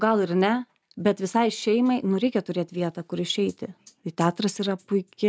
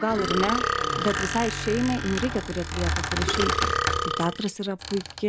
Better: first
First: none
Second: background sound (Squeak + Burping, eructation); as loud as the speech

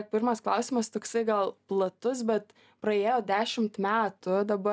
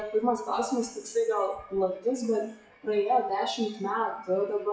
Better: first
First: none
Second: noise reduction (classical method WPE with log-MMSE)

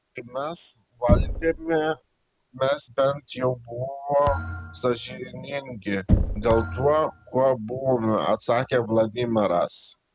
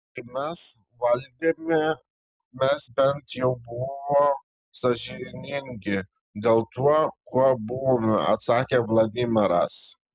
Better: second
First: background sound (Thump, thud + Knock); 6 dB below the speech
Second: none

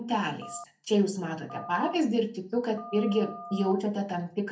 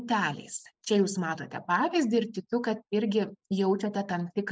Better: second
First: background sound (Telephone); 16 dB below the speech // room echo; dies away in 0.3 s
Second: none

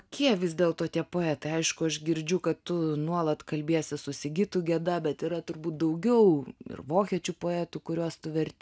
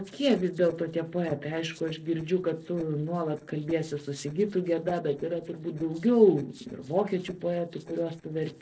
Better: first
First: none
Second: noise reduction (neural separator model SepFormer DNS4)

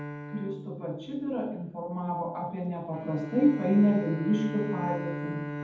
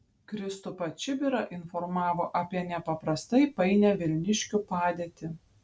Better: second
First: background sound (Bowed string instrument); 9 dB below the speech // room echo; dies away in 0.8 s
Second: none

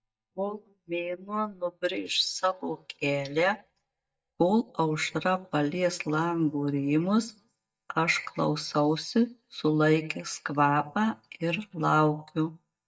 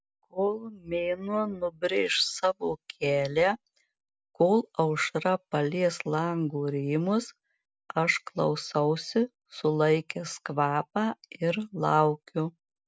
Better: second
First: noise reduction (neural mask model DeepFilterNet 3)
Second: none

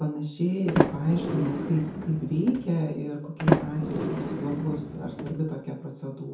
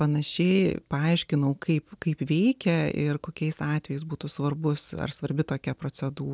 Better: second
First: background sound (Sliding door); as loud as the speech // room echo; dies away in 0.6 s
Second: none

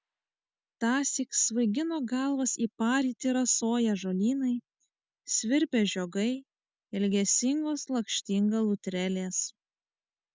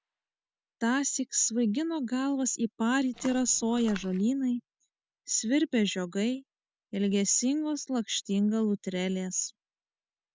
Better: first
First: none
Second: background sound (Walk, footsteps); 16 dB below the speech

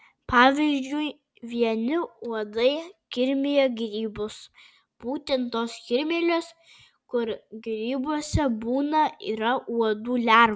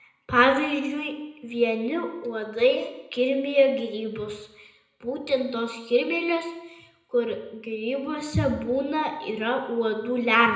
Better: first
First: none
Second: room echo; dies away in 0.8 s

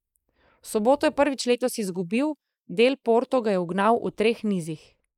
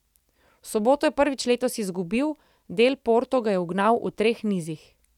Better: second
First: noise reduction (neural mask model Resemble Enhance denoiser)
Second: none

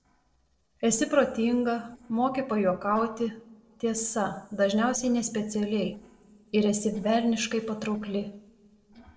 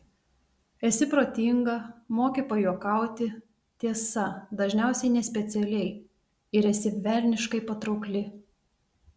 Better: second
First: noise reduction (neural separator model SepFormer DNS4)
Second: none

